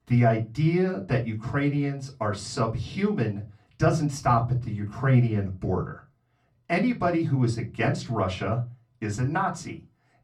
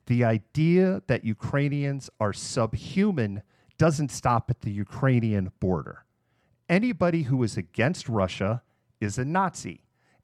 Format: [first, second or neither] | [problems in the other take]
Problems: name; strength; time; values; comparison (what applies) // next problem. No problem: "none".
second | off-mic speech; far // room echo; very slight; dies away in 0.2 s